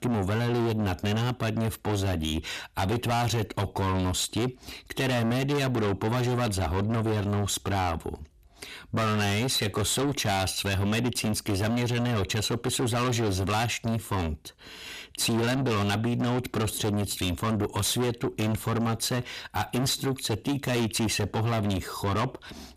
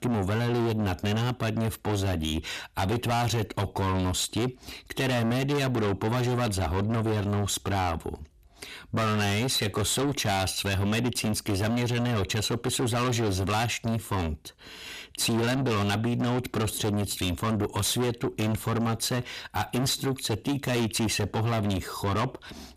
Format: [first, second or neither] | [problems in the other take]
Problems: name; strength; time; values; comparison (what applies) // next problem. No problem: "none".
neither | distortion; heavy; 6 dB below the speech; the same in both